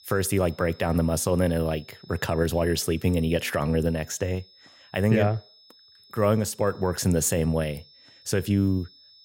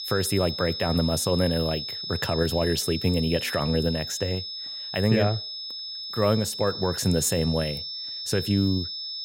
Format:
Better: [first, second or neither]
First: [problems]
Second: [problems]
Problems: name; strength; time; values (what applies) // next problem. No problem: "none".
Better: first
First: high-pitched whine; faint; throughout; 5 kHz, 25 dB below the speech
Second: high-pitched whine; loud; throughout; 5 kHz, 6 dB below the speech